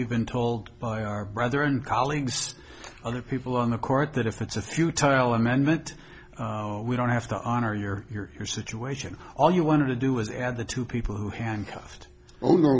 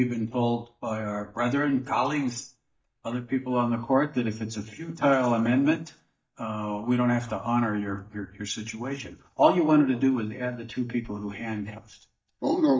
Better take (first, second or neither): first